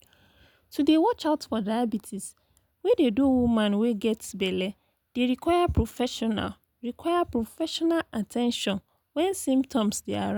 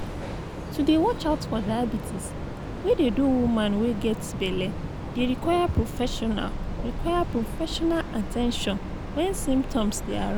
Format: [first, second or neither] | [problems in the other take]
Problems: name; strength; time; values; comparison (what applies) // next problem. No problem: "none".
first | background sound (Train); 5 dB below the speech